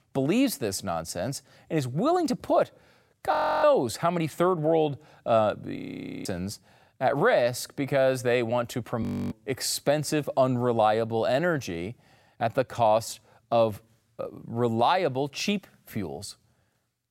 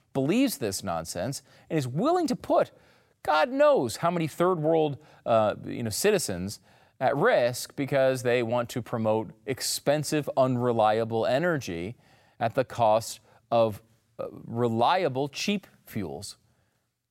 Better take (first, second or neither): second